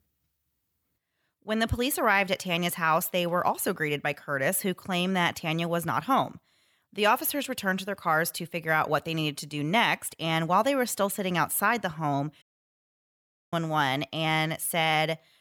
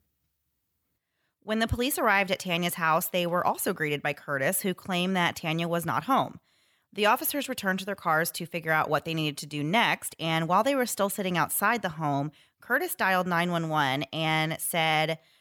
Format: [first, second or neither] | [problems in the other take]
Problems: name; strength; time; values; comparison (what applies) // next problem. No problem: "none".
second | audio cutting out; at 12 s for 1 s